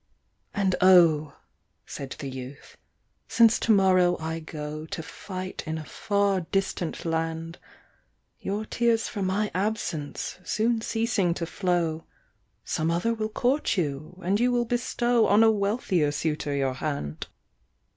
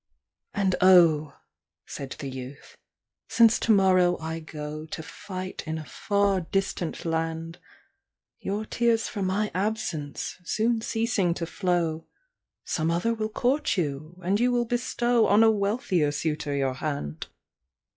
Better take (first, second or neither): first